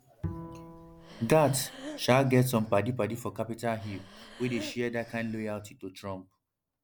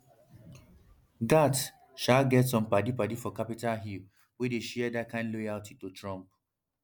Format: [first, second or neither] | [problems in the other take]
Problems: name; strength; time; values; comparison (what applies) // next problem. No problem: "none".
second | background sound (Breathing + Bowed string instrument); 15 dB below the speech